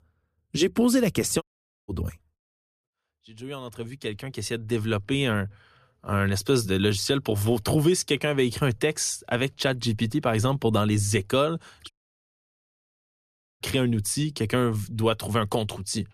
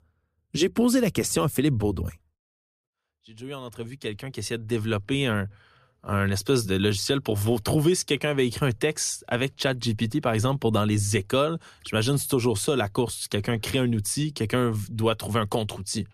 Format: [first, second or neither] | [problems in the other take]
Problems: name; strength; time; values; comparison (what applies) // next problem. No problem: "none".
second | audio cutting out; at 1.5 s and at 12 s for 1.5 s